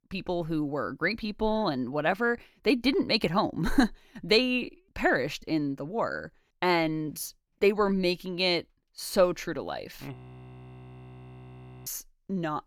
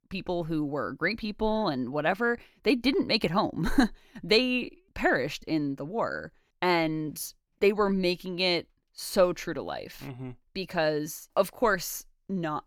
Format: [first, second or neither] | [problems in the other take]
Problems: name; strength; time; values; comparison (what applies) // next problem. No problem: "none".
second | audio freezing; at 10 s for 1.5 s